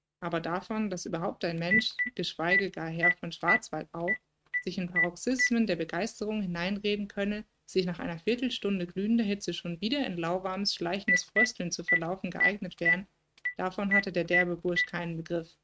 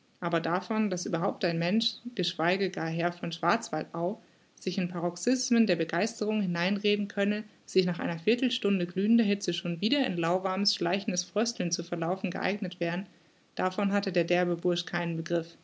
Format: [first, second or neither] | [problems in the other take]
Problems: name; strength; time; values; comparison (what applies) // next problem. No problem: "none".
second | noise reduction (neural mask model RNNoise)